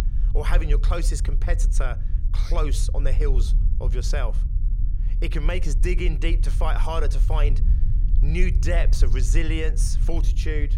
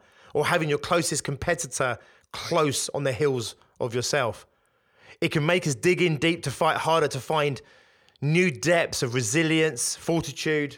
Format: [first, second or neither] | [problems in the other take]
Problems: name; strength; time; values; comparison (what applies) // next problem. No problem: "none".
second | low rumble; noticeable; throughout; 15 dB below the speech